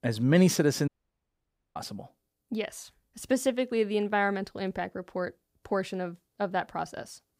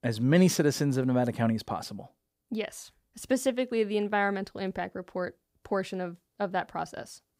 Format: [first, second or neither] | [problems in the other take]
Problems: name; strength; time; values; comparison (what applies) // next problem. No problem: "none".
second | audio cutting out; at 1 s for 1 s